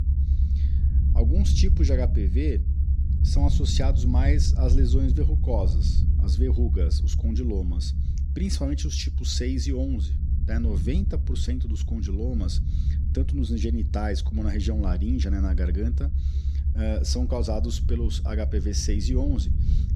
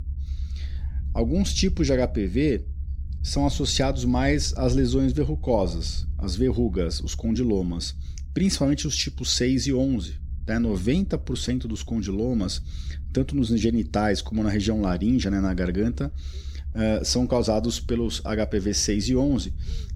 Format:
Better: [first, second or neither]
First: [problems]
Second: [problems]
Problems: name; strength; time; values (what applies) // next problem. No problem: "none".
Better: second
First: low rumble; loud; throughout; 8 dB below the speech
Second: low rumble; faint; throughout; 25 dB below the speech